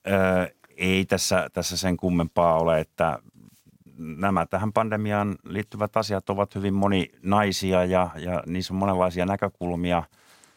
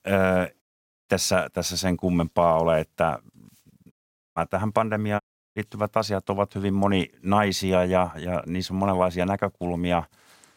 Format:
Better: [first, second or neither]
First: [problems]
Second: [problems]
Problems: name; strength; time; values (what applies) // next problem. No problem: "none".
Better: first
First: none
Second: audio cutting out; at 0.5 s, at 4 s and at 5 s